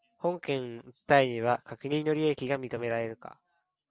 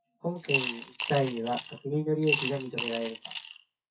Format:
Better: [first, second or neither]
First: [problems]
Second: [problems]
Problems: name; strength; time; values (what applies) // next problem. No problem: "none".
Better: first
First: none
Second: noise reduction (classical method WPE with log-MMSE)